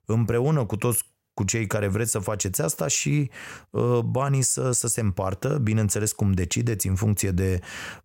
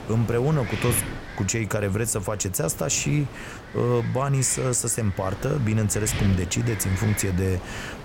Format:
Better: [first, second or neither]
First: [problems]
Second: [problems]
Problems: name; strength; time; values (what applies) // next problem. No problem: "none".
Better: first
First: none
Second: wind noise on the microphone; heavy; 9 dB below the speech